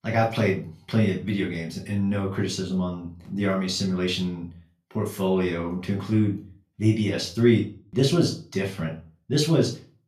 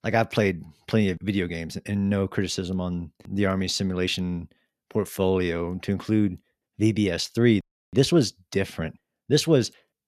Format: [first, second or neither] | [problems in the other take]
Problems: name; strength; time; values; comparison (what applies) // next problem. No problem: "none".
second | off-mic speech; far // room echo; slight; dies away in 0.3 s